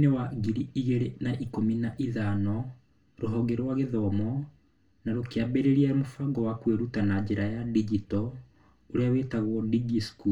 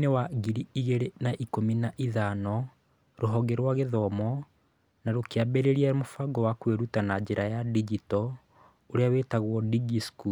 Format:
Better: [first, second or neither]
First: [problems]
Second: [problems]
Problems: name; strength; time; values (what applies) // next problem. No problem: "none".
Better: second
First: room echo; dies away in 0.2 s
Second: none